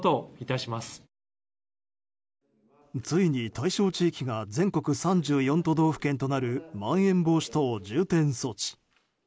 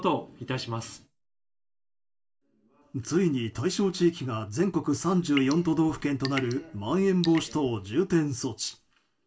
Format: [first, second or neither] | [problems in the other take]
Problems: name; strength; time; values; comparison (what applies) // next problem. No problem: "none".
first | background sound (Drip / Sink (filling or washing) / Water tap, faucet / Water); 14 dB below the speech // room echo; dies away in 0.2 s